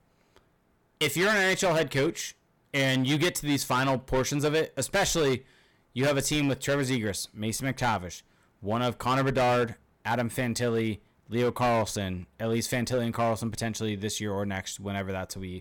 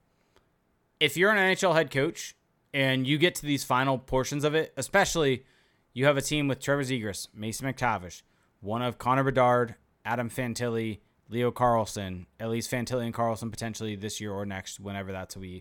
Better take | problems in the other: second | distortion; heavy; 9% of the sound clipped

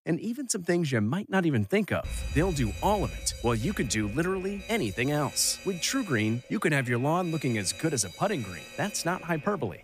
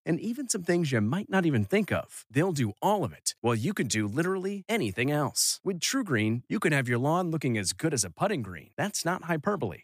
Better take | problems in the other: second | alarm; noticeable; from 2 s on; peak 7 dB below the speech

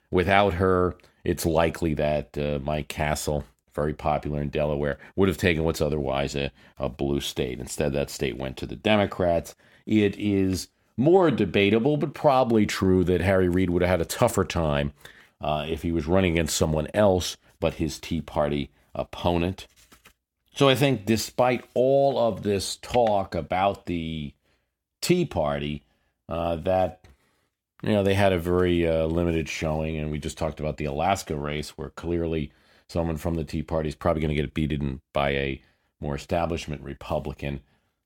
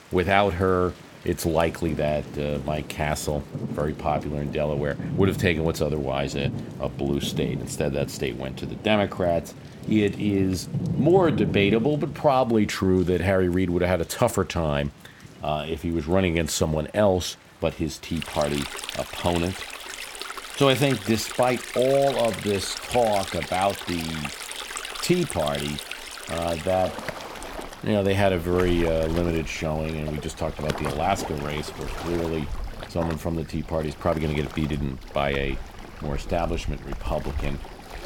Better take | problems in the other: first | rain or running water; loud; throughout; 9 dB below the speech

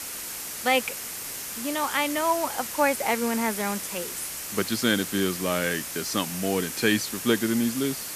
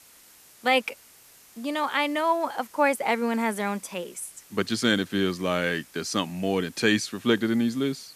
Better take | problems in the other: second | hiss; loud; throughout; 6 dB below the speech; faint in the second

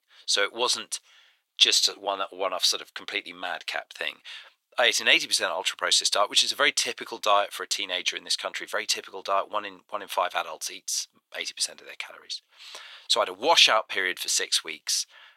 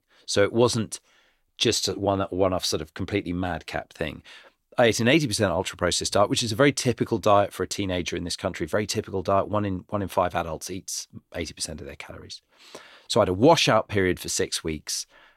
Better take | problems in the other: second | thin; very; fading below 850 Hz

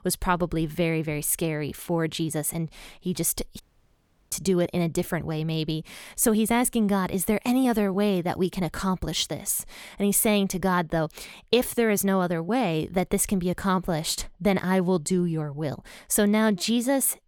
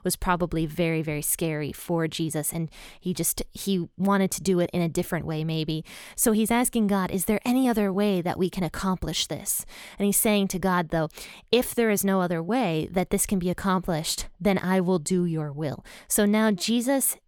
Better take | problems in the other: second | audio cutting out; at 3.5 s for 0.5 s

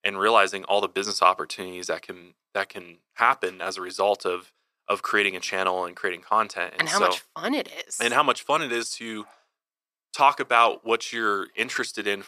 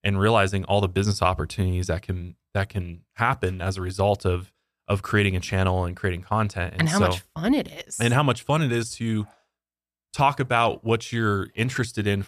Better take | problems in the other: second | thin; very; fading below 350 Hz

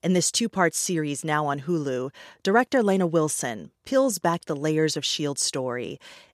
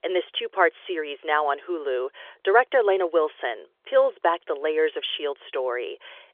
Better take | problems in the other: first | phone-call audio; nothing above 3.5 kHz

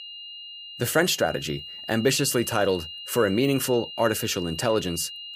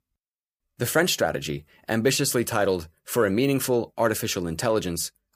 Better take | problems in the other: second | high-pitched whine; noticeable; throughout; 3 kHz, 10 dB below the speech

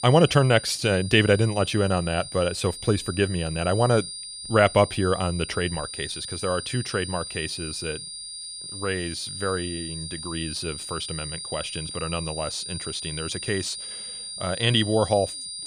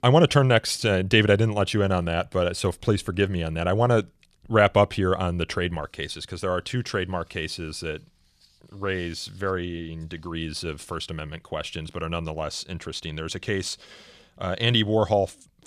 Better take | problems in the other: second | high-pitched whine; loud; throughout; 5 kHz, 9 dB below the speech

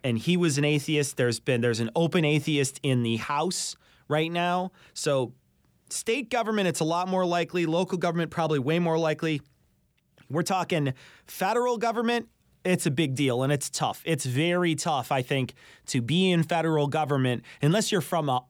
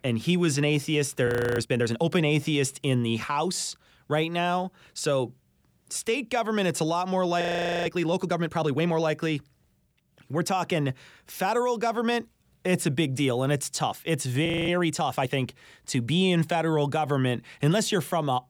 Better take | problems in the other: first | audio freezing; at 1.5 s, at 7.5 s and at 14 s

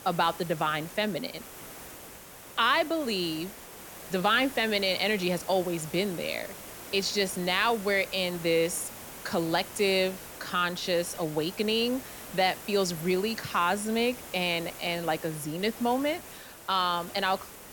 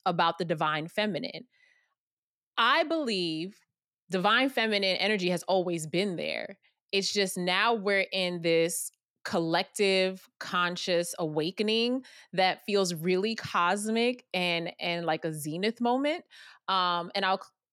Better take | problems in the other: second | hiss; noticeable; throughout; 15 dB below the speech

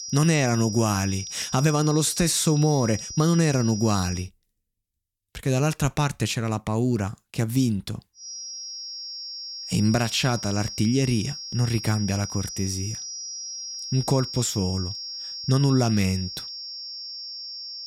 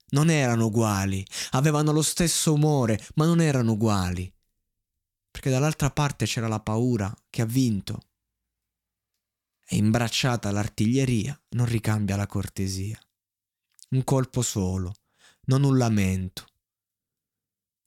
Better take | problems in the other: second | high-pitched whine; loud; until 4 s and from 8 s on; 5.5 kHz, 9 dB below the speech

